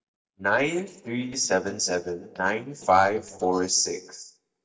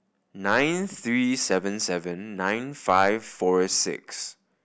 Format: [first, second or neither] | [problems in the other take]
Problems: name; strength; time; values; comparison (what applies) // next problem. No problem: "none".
second | noise reduction (neural mask model DeepFilterNet 3)